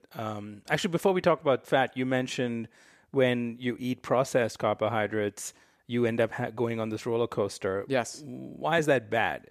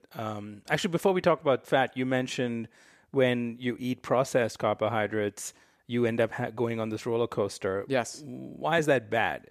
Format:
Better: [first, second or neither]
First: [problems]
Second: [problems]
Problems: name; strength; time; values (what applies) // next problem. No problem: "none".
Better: neither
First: none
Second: none